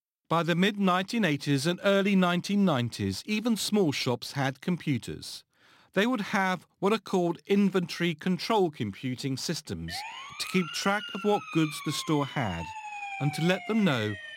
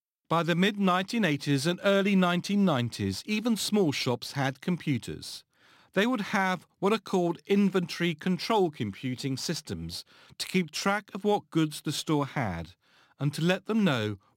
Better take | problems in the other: second | siren; noticeable; from 10 s on; peak 8 dB below the speech

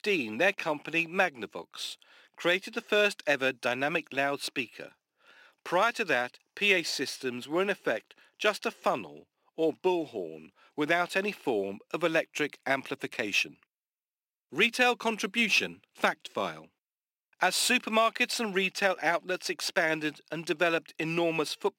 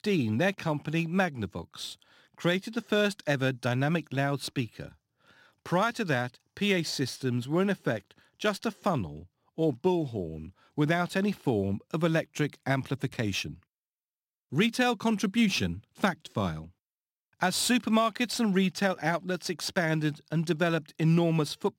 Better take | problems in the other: second | thin; somewhat; fading below 400 Hz

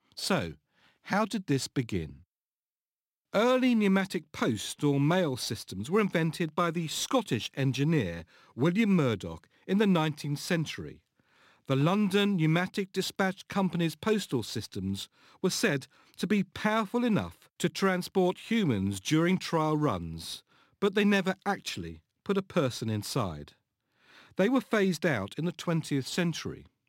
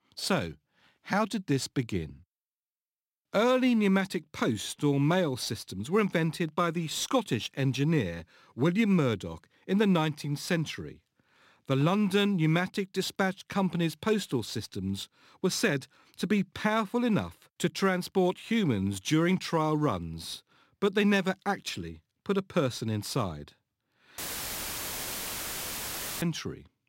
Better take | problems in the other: first | audio cutting out; filled with static; at 24 s for 2 s

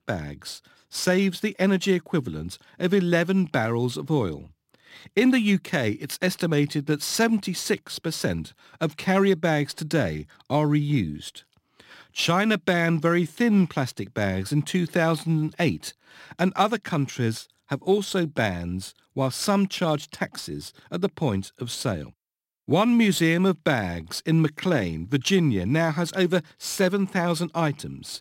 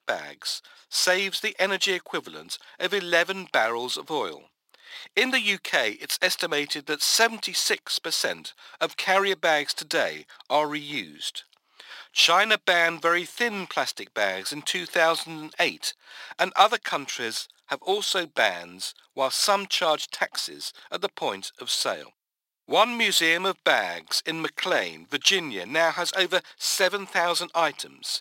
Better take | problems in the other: first | thin; very; fading below 700 Hz

